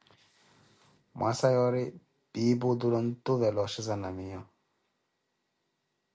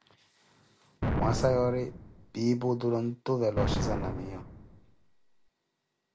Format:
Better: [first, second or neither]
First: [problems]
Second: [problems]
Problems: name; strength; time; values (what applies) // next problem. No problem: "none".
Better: first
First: none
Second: background sound (Explosion); 2 dB below the speech